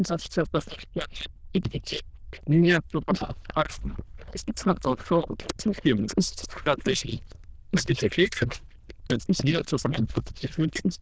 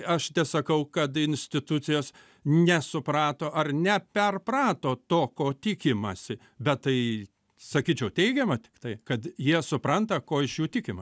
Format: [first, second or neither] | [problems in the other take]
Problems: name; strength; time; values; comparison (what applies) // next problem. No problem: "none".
second | noise reduction (neural diffusion model UNIVERSE++)